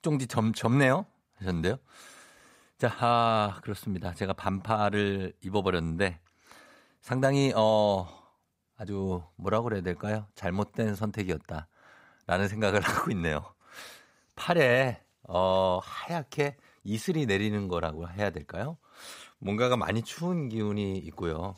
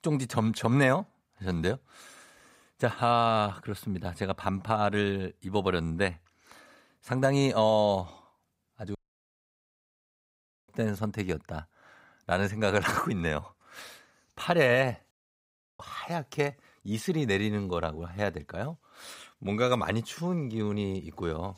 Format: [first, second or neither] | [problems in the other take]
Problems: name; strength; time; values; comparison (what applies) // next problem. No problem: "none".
first | audio cutting out; at 9 s for 1.5 s and at 15 s for 0.5 s